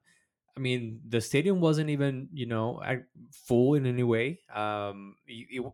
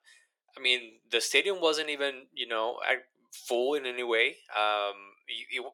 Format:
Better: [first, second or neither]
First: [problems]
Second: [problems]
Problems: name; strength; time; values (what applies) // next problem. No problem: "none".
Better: first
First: none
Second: thin; very; fading below 450 Hz